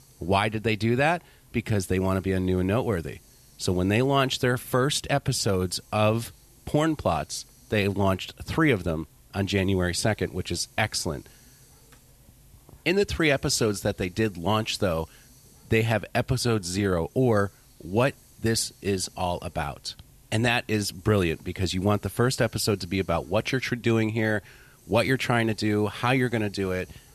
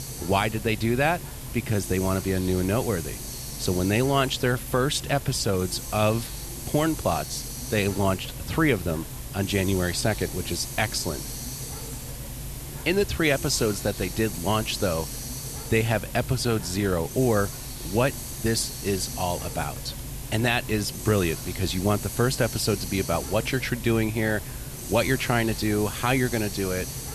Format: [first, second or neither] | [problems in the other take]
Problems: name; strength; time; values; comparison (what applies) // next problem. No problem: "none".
first | hiss; loud; throughout; 9 dB below the speech; faint in the first